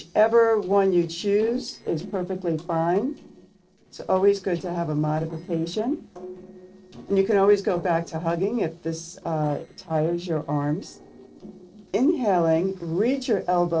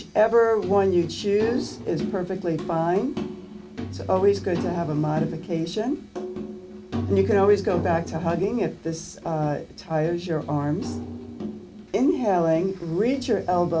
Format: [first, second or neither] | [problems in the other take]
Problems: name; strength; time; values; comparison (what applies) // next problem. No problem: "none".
second | noise reduction (neural separator model SepFormer DNS4)